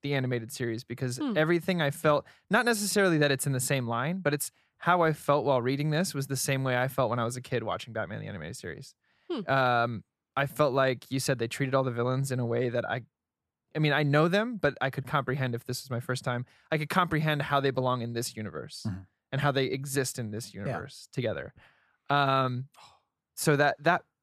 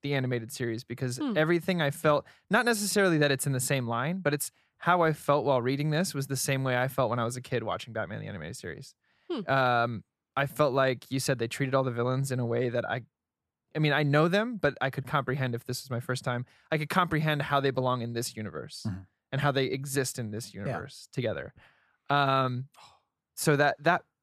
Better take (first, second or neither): neither